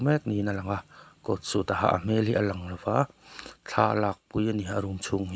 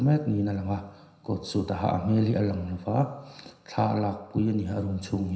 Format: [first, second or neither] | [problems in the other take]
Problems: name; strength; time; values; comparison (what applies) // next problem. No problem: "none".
first | room echo; dies away in 0.9 s